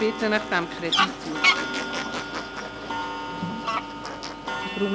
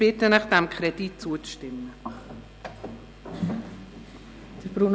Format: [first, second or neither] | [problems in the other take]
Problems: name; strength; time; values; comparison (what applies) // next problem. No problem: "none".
second | background sound (Fowl + Clock); 3 dB above the speech